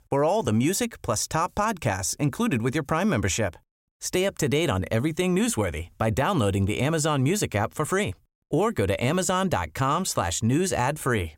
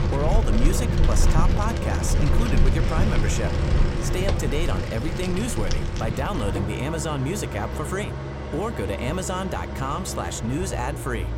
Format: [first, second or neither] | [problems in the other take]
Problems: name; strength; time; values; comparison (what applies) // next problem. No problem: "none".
first | traffic noise; very loud; throughout; 3 dB above the speech